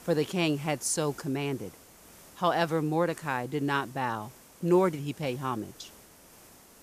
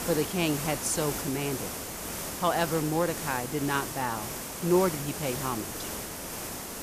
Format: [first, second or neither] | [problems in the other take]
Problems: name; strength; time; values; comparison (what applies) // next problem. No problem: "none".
first | hiss; loud; throughout; 5 dB below the speech; faint in the first